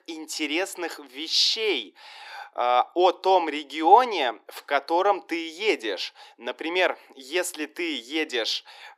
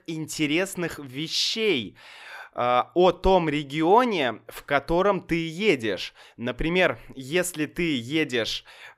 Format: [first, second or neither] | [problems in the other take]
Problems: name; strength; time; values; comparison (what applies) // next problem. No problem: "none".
second | thin; somewhat; fading below 300 Hz